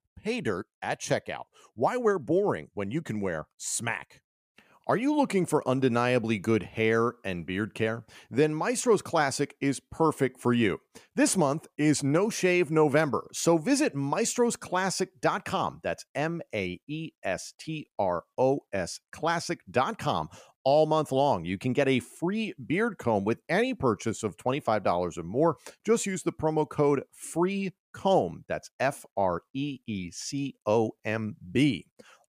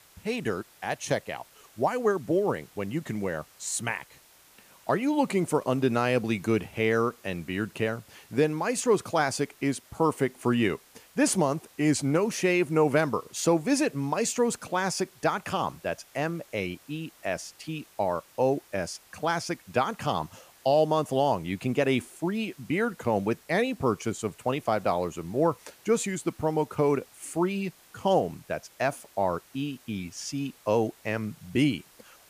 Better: first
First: none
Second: hiss; faint; throughout; 25 dB below the speech

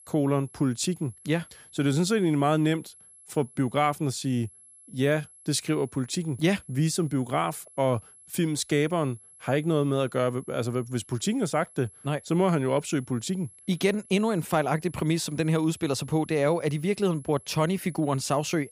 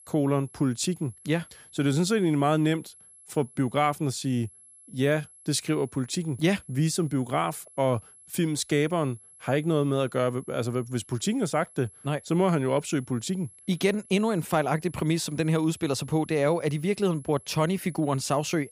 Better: neither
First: high-pitched whine; faint; throughout; 11 kHz, 25 dB below the speech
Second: high-pitched whine; faint; throughout; 11 kHz, 25 dB below the speech

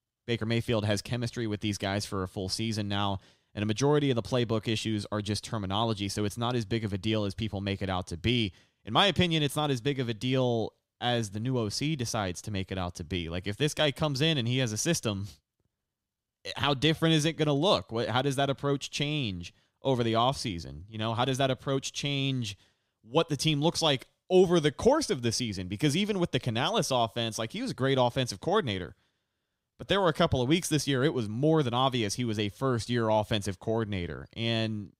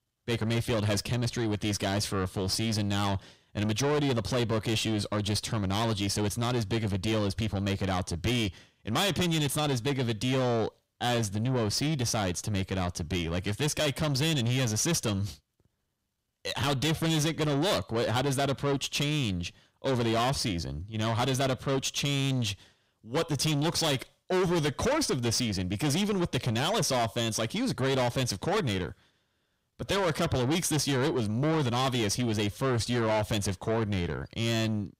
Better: first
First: none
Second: distortion; heavy; 6 dB below the speech

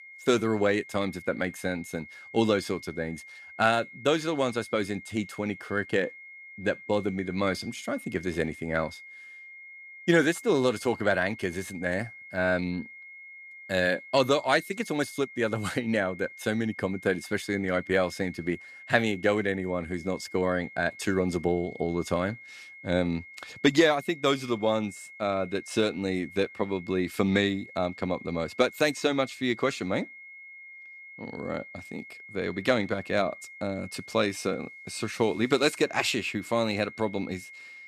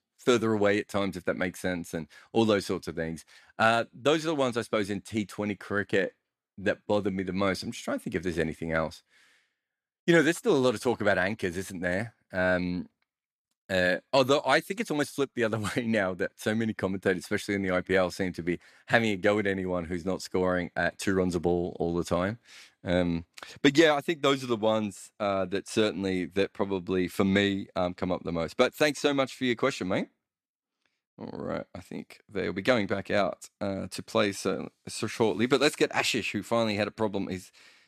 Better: second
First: high-pitched whine; noticeable; throughout; 2 kHz, 15 dB below the speech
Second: none

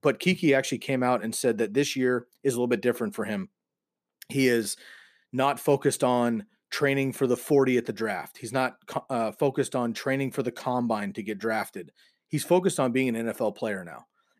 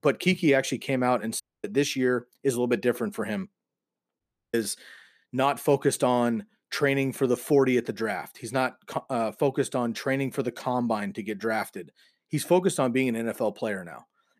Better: first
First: none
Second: audio cutting out; at 1.5 s and at 4 s

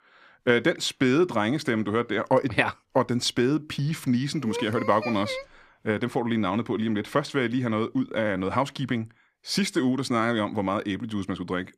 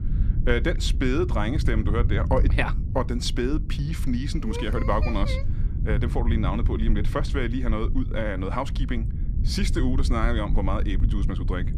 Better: first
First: none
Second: low rumble; noticeable; throughout; 15 dB below the speech

